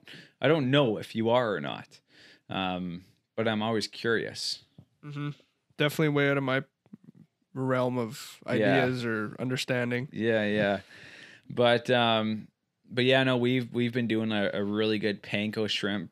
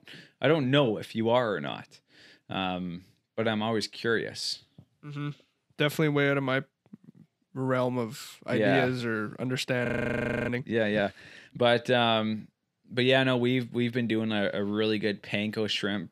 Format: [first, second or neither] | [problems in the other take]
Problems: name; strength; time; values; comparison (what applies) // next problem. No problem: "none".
first | audio freezing; at 10 s for 0.5 s